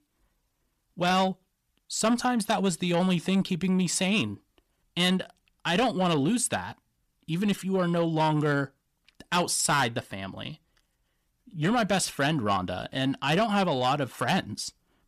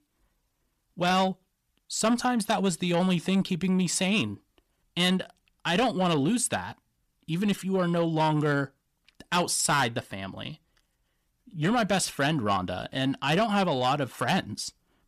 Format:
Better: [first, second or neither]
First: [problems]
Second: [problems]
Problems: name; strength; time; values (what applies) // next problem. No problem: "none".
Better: neither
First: distortion; slight; 10 dB below the speech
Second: distortion; slight; 10 dB below the speech